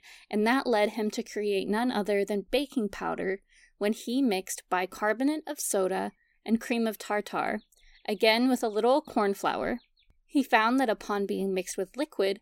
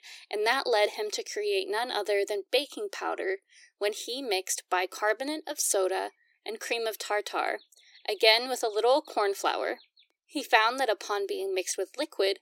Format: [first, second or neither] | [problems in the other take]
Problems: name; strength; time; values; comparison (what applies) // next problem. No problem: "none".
first | thin; very; fading below 350 Hz